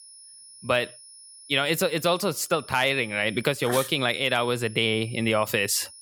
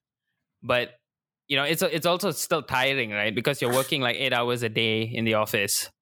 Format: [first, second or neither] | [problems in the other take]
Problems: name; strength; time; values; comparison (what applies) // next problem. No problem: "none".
second | high-pitched whine; faint; throughout; 10.5 kHz, 20 dB below the speech